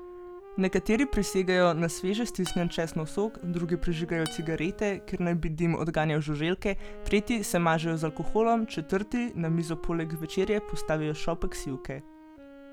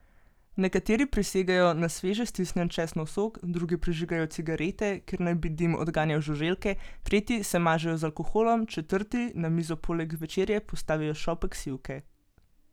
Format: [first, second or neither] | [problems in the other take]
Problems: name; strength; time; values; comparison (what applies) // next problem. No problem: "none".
second | background sound (Acoustic guitar + Wind instrument, woodwind instrument); 17 dB below the speech